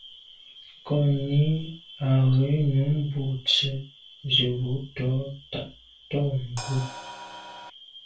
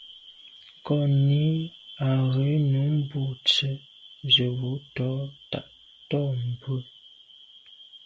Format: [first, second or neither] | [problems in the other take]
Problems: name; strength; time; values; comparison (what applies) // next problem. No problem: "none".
second | background sound (Crash cymbal); 13 dB below the speech // room echo; dies away in 0.2 s